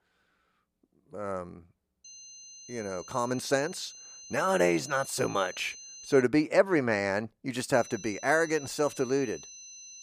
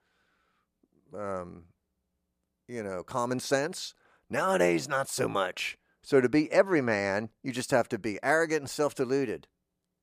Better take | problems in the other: second | high-pitched whine; noticeable; from 2 to 6 s and from 7.5 s on; 6 kHz, 15 dB below the speech

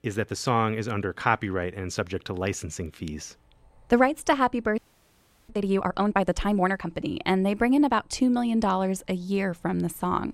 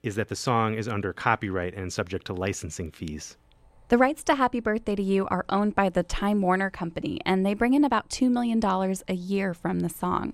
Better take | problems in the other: second | audio freezing; at 5 s for 0.5 s

